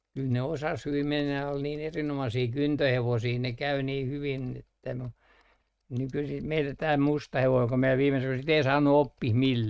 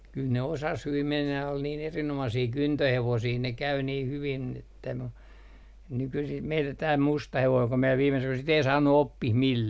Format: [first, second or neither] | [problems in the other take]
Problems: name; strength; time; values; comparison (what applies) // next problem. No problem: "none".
second | noise reduction (neural mask model RNNoise)